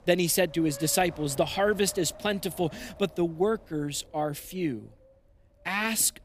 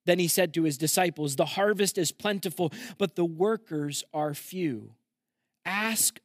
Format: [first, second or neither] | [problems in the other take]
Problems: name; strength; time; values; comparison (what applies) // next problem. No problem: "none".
second | wind noise on the microphone; occasional gusts; 20 dB below the speech